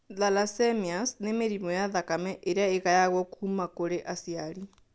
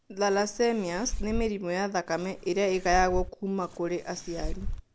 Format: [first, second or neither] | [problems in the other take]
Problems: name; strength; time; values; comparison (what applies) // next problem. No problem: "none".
first | background sound (Fireworks); 6 dB below the speech